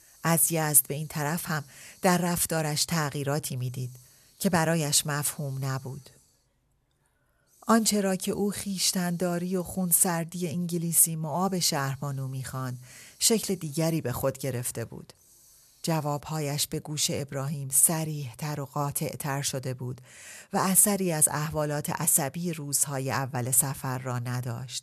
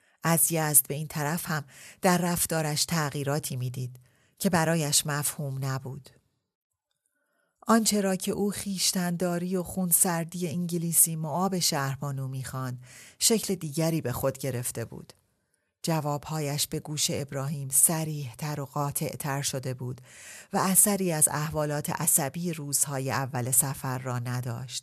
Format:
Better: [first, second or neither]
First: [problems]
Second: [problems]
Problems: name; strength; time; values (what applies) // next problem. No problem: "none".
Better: second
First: hiss; faint; until 16 s; 30 dB below the speech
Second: none